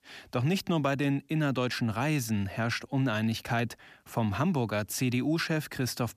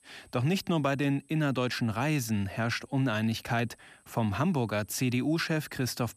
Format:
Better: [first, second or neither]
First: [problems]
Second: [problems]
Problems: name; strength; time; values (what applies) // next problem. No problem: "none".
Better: first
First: none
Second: high-pitched whine; faint; throughout; 8 kHz, 30 dB below the speech